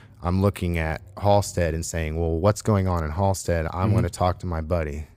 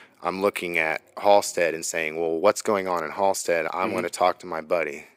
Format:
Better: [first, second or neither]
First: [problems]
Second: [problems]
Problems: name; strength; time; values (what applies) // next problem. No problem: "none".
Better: first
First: none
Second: thin; very; fading below 300 Hz